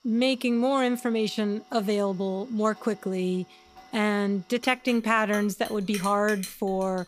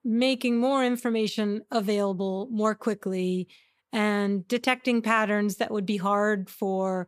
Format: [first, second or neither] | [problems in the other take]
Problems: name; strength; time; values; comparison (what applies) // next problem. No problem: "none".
second | household noises; noticeable; throughout; 20 dB below the speech